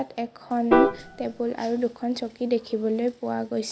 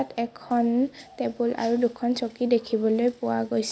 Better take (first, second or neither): second